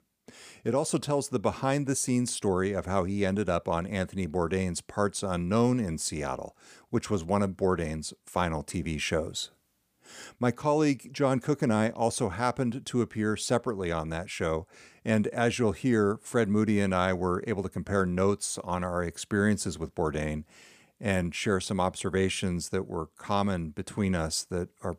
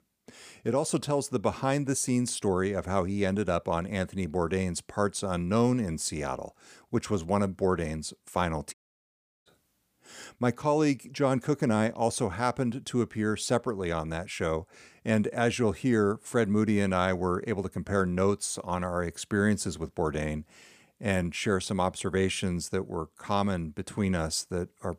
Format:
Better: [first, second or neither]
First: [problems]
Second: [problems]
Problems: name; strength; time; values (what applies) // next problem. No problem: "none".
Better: first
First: none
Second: audio cutting out; at 8.5 s for 0.5 s